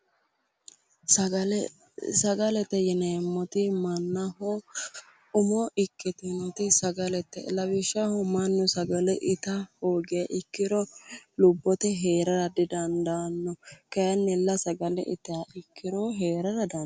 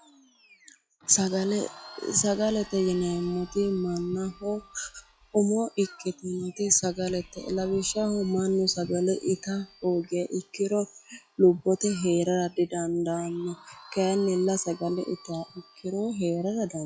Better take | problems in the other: first | noise reduction (classical method log-MMSE)

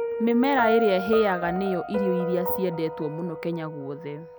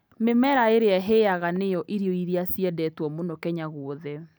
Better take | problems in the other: second | background sound (Piano); 5 dB below the speech

